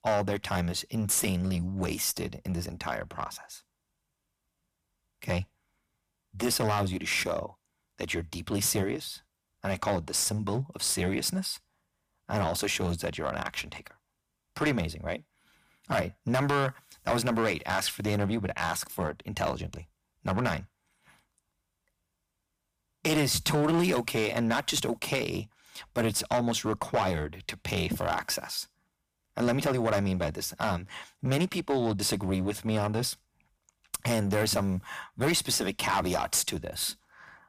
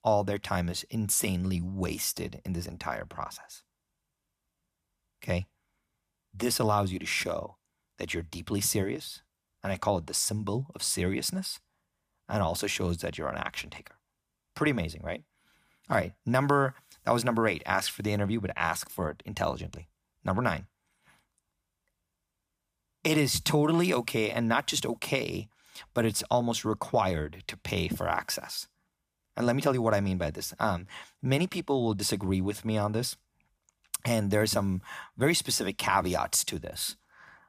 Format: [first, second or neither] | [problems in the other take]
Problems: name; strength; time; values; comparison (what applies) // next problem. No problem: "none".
second | distortion; slight; 6% of the sound clipped